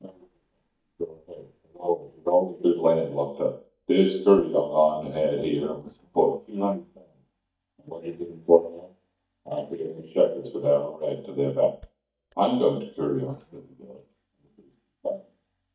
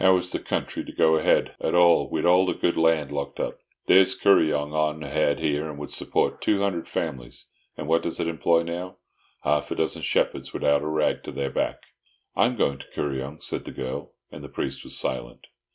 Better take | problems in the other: second | noise reduction (neural mask model DeepFilterNet 3)

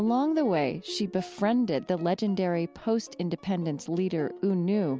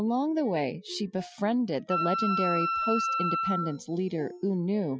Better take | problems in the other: first | noise reduction (classical method Wiener filter)

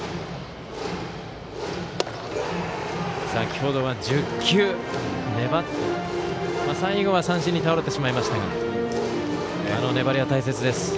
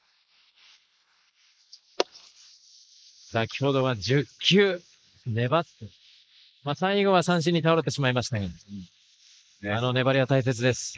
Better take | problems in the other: first | noise reduction (neural mask model Resemble Enhance denoiser)

